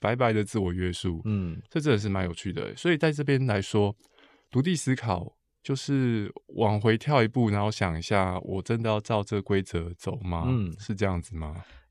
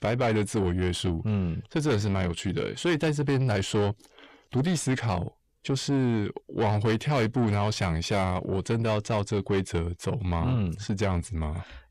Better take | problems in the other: first | distortion; heavy; 7 dB below the speech

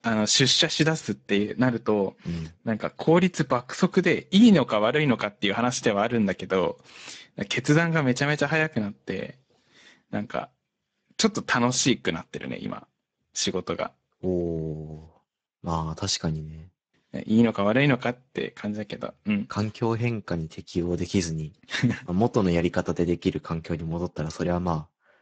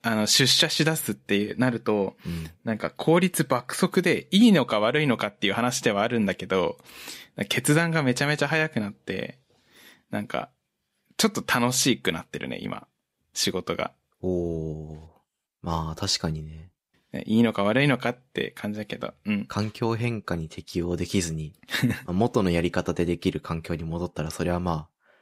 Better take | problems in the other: second | garbled, watery; badly; nothing above 7.5 kHz

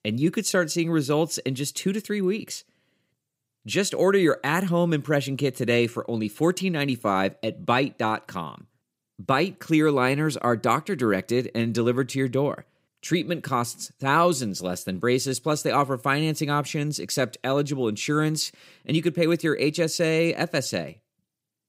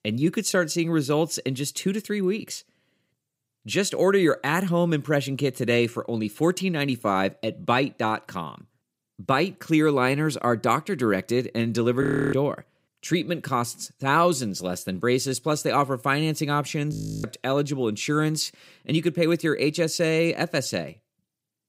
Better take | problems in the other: first | audio freezing; at 12 s and at 17 s

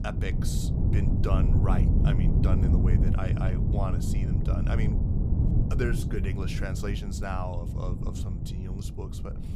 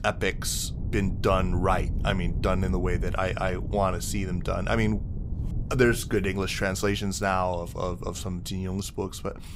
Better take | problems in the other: second | wind noise on the microphone; heavy; 1 dB below the speech; occasional gusts in the second

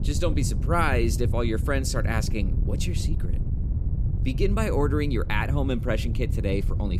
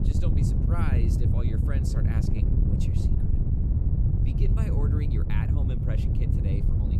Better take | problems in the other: first | wind noise on the microphone; heavy; 3 dB above the speech; occasional gusts in the first

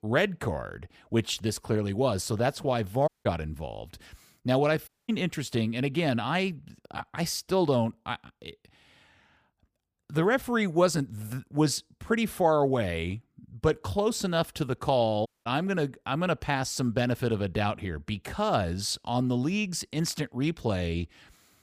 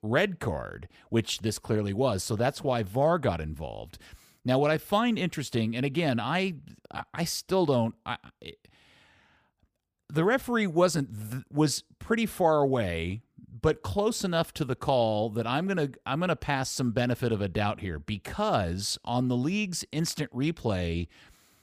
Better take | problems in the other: second | audio cutting out; at 3 s, at 5 s and at 15 s

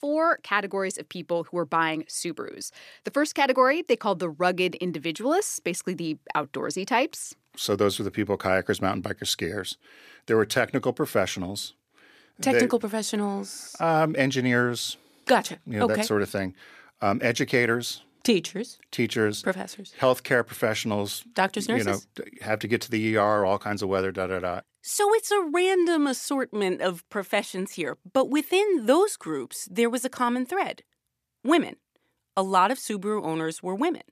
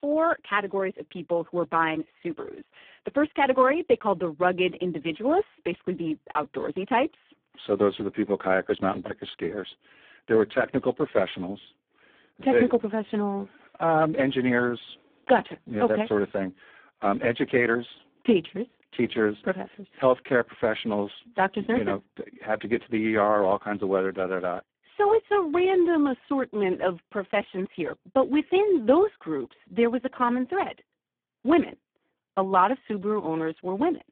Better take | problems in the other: first | phone-call audio; poor line

